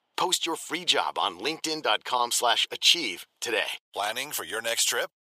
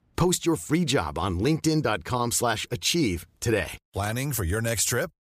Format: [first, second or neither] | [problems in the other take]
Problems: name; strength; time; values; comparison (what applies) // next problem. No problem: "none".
second | thin; very; fading below 600 Hz